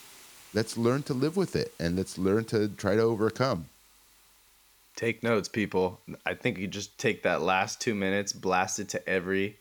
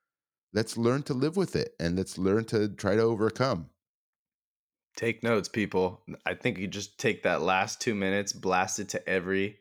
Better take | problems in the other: second | hiss; faint; throughout; 25 dB below the speech

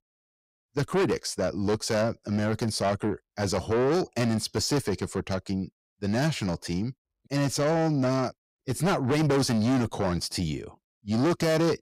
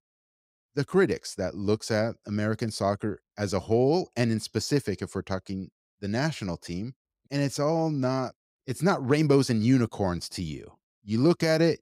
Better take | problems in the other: second | distortion; heavy; 6 dB below the speech

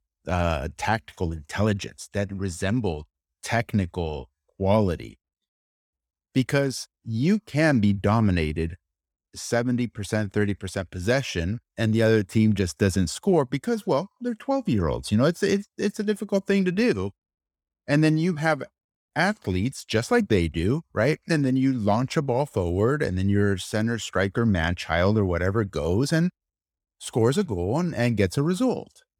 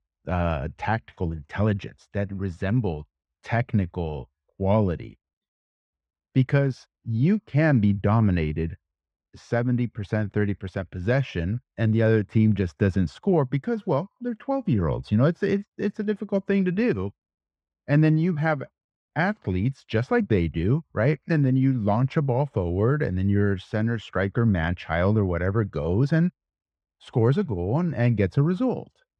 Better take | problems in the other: first | muffled; slightly; fading above 2.5 kHz

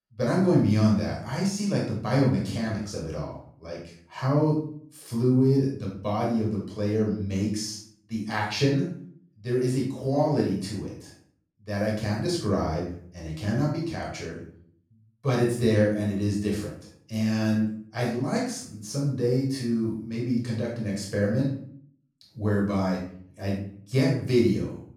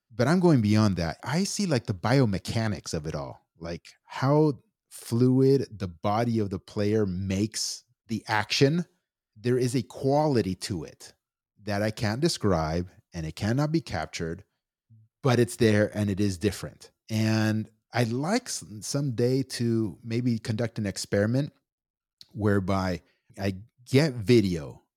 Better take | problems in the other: second | off-mic speech; far // room echo; noticeable; dies away in 0.5 s

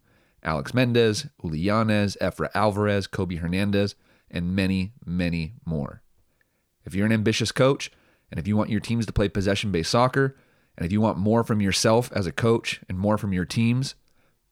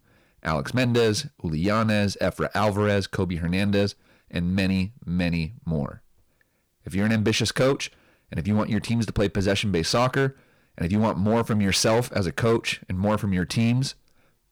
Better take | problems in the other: first | distortion; slight; 7% of the sound clipped

